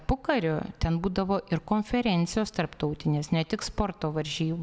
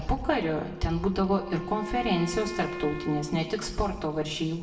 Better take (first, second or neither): first